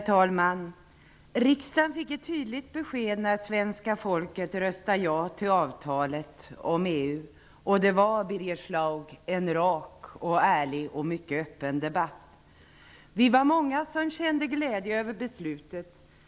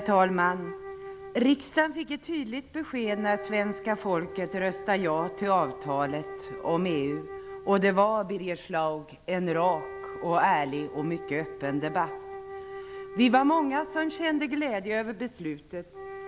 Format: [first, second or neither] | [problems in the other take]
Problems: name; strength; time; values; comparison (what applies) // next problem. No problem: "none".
first | background sound (Wind instrument, woodwind instrument); 13 dB below the speech